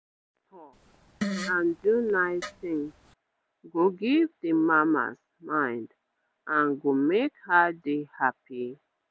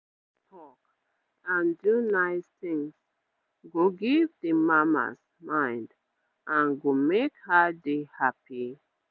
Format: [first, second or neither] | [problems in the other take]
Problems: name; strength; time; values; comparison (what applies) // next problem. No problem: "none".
second | background sound (Fart); 10 dB below the speech